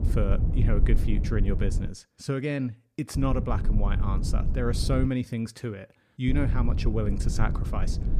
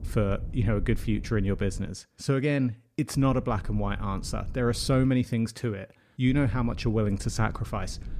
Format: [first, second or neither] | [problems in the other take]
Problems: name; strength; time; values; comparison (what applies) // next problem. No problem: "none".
second | low rumble; loud; until 2 s, from 3 to 5 s and from 6.5 s on; 9 dB below the speech; faint in the second